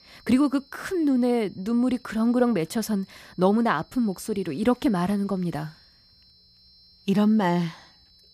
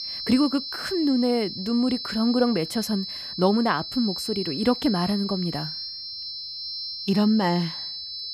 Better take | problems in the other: first | high-pitched whine; loud; throughout; 4 kHz, 7 dB below the speech; faint in the first

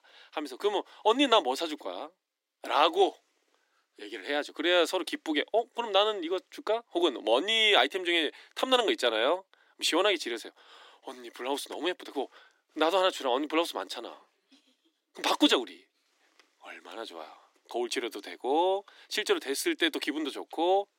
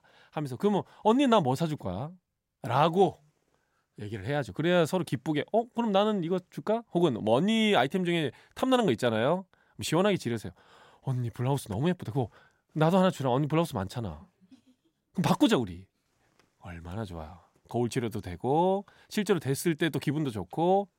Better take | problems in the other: second | thin; somewhat; fading below 300 Hz

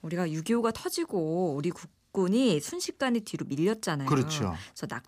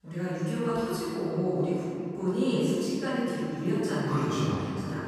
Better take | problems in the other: first | off-mic speech; far // room echo; strong; dies away in 2.7 s

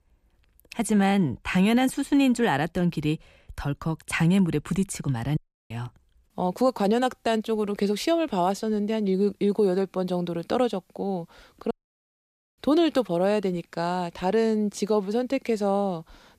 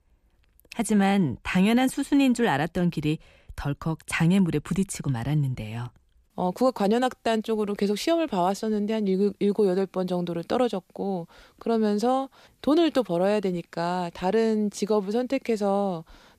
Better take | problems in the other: second | audio cutting out; at 5.5 s and at 12 s for 1 s

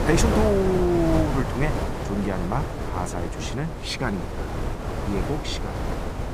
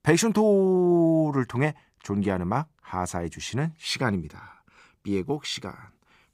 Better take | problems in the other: second | wind noise on the microphone; heavy; 3 dB below the speech

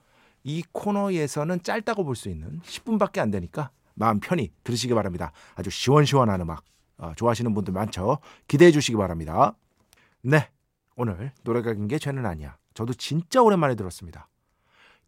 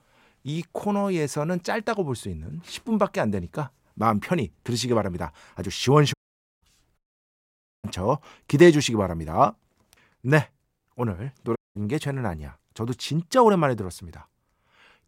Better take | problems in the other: first | audio cutting out; at 6 s, at 7 s for 1 s and at 12 s

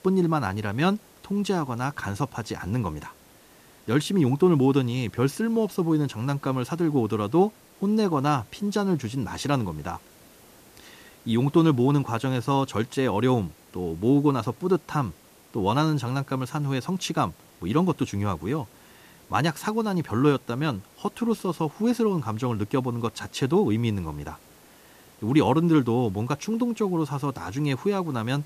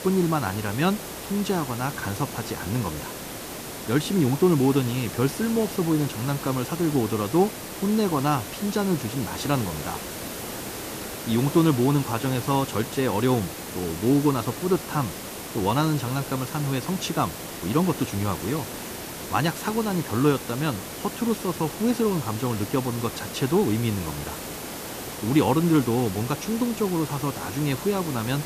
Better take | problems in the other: first | hiss; loud; throughout; 9 dB below the speech; faint in the first

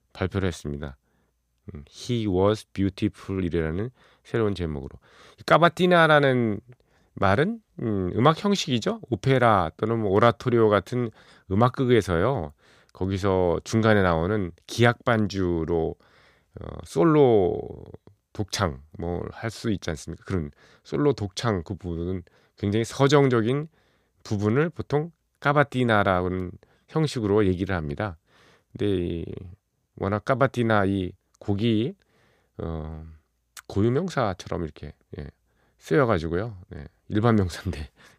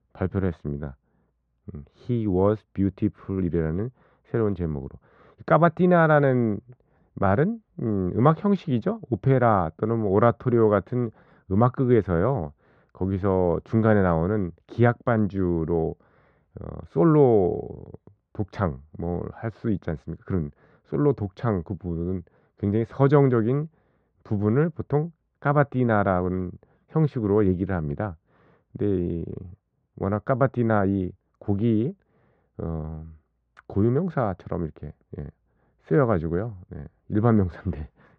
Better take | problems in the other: first | muffled; very; fading above 1.5 kHz

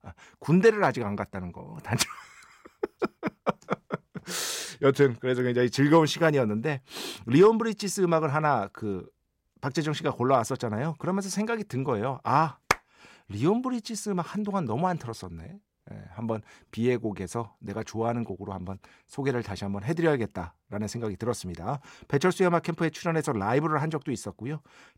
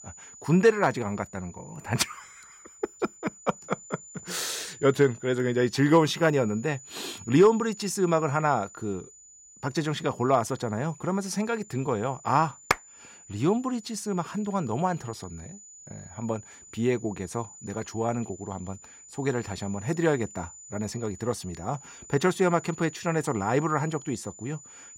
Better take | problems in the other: first | high-pitched whine; noticeable; throughout; 7 kHz, 20 dB below the speech

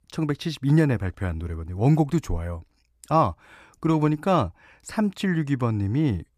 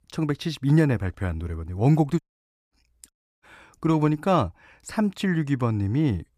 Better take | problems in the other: first | audio cutting out; at 2 s for 0.5 s and at 3 s

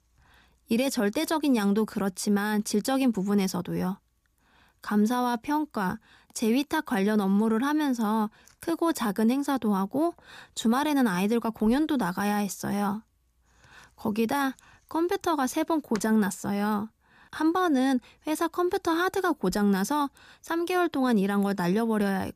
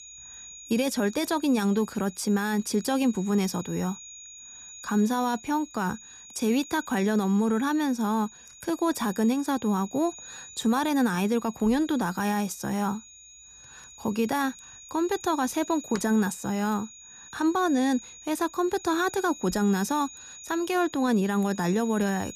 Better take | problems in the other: first | high-pitched whine; noticeable; throughout; 6.5 kHz, 15 dB below the speech

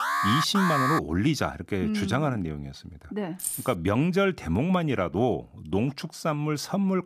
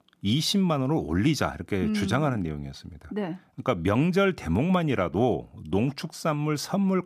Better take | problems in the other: second | alarm; loud; at the start; peak 2 dB above the speech // jangling keys; noticeable; at 3.5 s; peak 4 dB below the speech

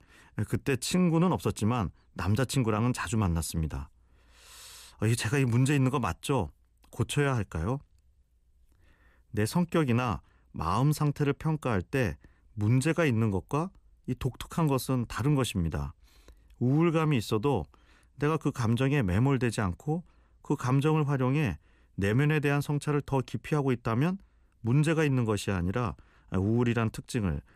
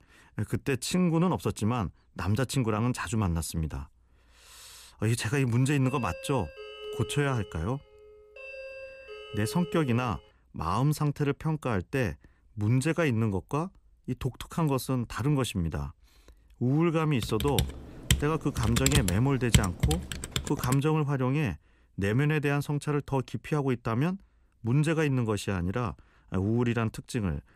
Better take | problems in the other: first | doorbell; noticeable; from 6 to 10 s; peak 10 dB below the speech // keyboard typing; loud; from 17 to 21 s; peak 3 dB above the speech

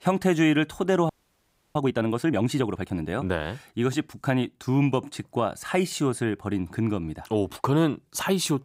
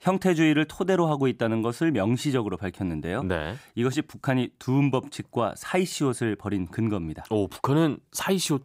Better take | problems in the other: second | audio freezing; at 1 s for 0.5 s

